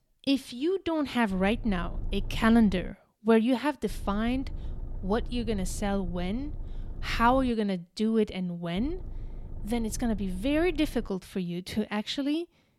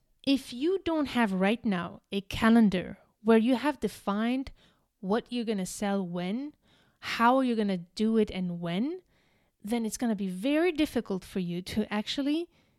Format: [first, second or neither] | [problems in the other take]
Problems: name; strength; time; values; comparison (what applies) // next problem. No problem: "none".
second | low rumble; faint; from 1.5 to 3 s, from 4 to 7.5 s and from 9 to 11 s; 25 dB below the speech